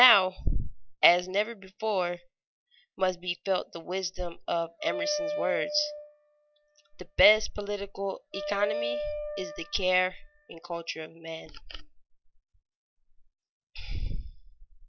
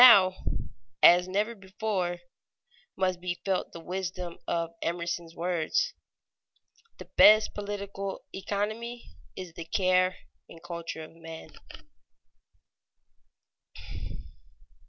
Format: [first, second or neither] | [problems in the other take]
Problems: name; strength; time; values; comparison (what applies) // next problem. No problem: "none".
second | noise reduction (classical method log-MMSE)